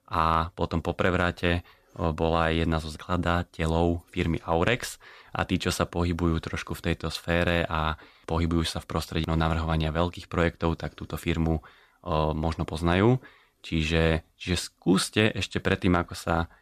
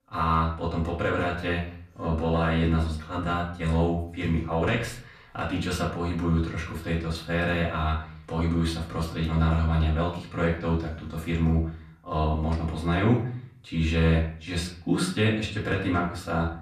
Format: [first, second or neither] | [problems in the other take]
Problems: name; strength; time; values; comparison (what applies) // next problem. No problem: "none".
first | off-mic speech; far // room echo; slight; dies away in 0.5 s